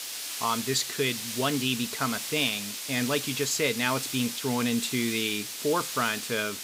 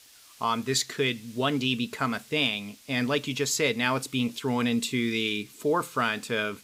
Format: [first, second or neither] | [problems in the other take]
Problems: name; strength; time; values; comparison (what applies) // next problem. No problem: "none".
second | hiss; loud; throughout; 5 dB below the speech; faint in the second